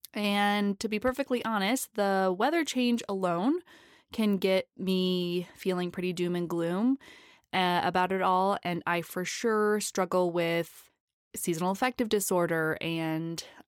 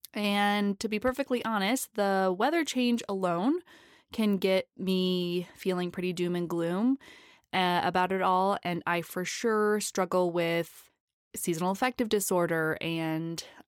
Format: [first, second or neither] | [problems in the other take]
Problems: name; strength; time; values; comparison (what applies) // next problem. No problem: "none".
neither | none